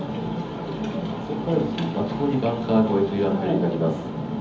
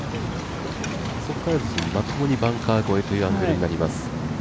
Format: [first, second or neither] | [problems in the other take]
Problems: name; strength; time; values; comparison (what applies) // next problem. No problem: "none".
second | room echo; dies away in 0.7 s